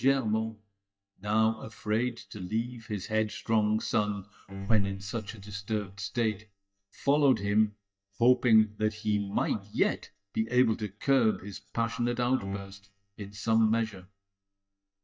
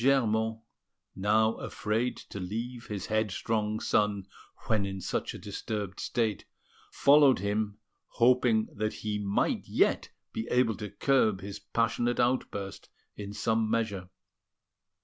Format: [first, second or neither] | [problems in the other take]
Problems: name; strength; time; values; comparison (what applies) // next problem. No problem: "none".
second | noise reduction (neural mask model DeepFilterNet 3)